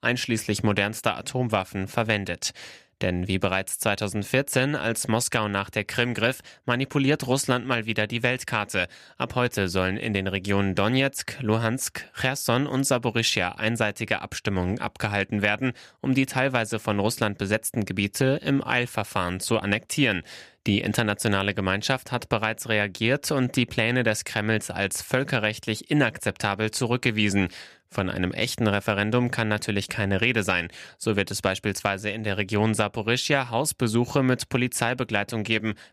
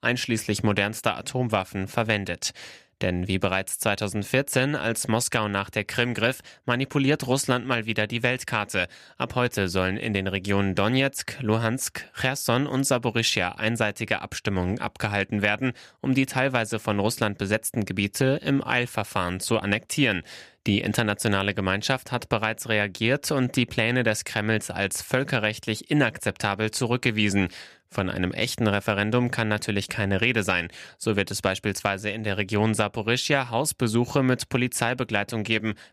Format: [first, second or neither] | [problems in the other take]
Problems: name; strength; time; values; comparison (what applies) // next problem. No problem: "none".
neither | none